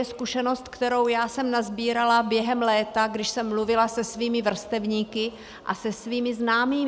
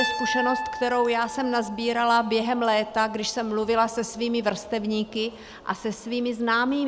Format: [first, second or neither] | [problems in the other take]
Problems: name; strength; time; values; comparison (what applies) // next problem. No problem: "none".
first | background sound (Piano); 10 dB below the speech